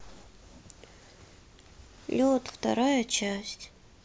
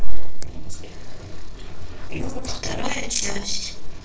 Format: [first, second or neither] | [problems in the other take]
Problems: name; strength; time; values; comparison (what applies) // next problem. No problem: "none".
first | noise reduction (neural separator model SepFormer DNS4)